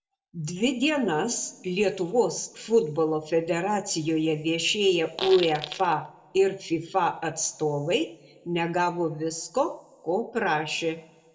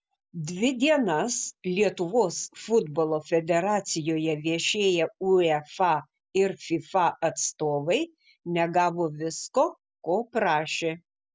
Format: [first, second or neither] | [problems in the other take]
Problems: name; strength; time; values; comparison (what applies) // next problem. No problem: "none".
second | noise reduction (neural separator model SepFormer DNS4)